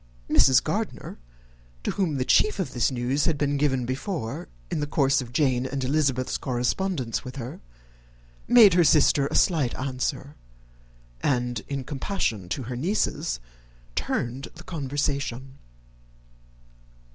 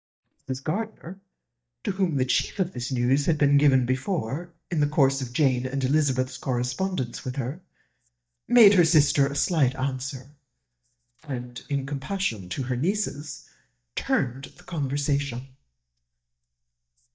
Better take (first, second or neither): first